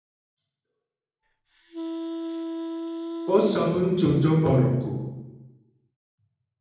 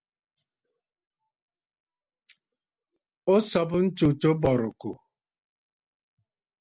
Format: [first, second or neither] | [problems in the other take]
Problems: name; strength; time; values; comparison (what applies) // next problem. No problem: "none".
second | background sound (Wind instrument, woodwind instrument); 7 dB below the speech // room echo; dies away in 0.9 s